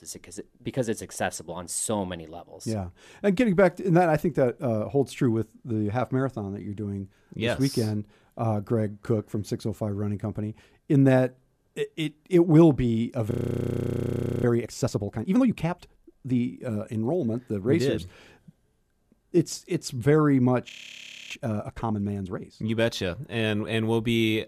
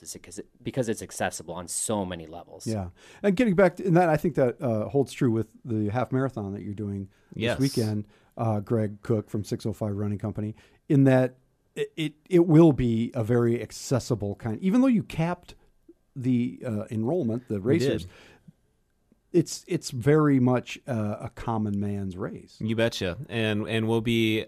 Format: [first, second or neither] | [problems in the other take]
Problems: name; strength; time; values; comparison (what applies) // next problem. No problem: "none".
second | audio freezing; at 13 s for 1 s and at 21 s for 0.5 s